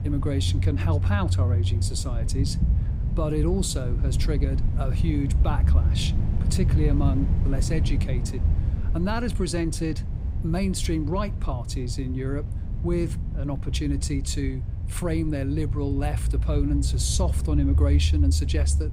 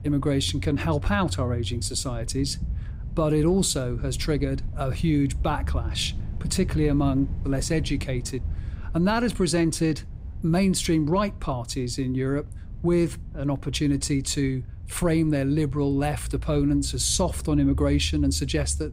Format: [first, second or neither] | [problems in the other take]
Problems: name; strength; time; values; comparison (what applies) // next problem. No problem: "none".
second | low rumble; loud; throughout; 9 dB below the speech; faint in the second